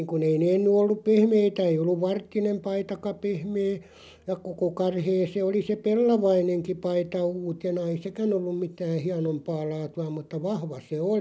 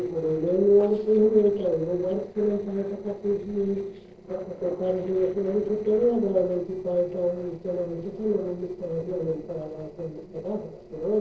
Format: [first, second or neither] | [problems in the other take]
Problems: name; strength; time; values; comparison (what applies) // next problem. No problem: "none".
first | noise reduction (neural separator model SepFormer DNS4)